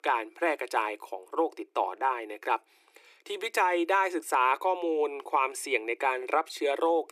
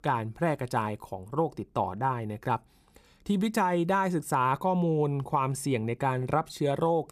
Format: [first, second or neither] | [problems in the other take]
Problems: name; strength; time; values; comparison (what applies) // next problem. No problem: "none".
second | thin; very; fading below 300 Hz